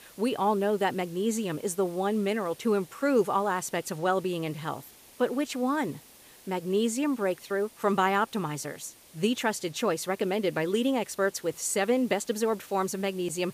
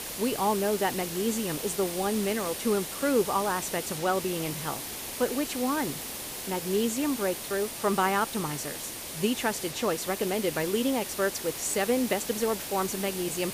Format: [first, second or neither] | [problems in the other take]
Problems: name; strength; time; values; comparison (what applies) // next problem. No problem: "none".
first | hiss; loud; throughout; 5 dB below the speech; faint in the first